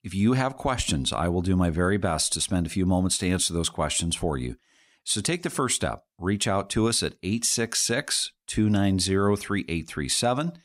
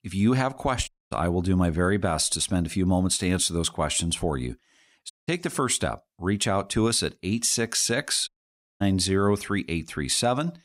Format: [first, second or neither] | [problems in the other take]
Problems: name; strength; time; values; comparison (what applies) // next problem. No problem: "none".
first | audio cutting out; at 1 s, at 5 s and at 8.5 s for 0.5 s